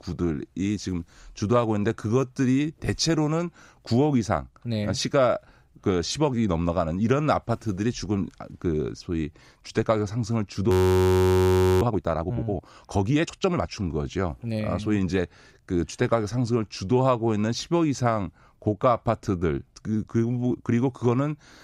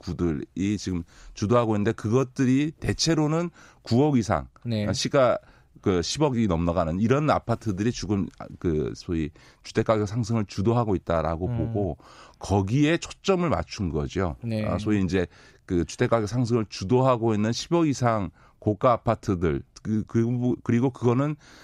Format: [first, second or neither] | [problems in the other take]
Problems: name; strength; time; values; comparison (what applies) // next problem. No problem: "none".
second | audio freezing; at 11 s for 1 s